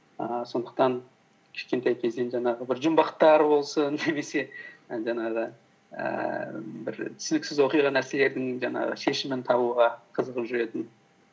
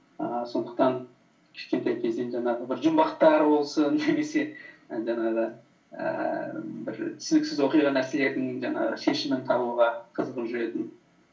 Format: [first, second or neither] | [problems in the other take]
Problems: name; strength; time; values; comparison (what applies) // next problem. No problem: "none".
first | room echo; dies away in 0.3 s